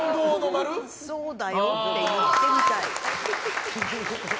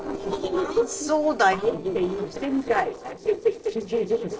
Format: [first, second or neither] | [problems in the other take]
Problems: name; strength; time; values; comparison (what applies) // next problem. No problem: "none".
first | noise reduction (neural separator model SepFormer DNS4)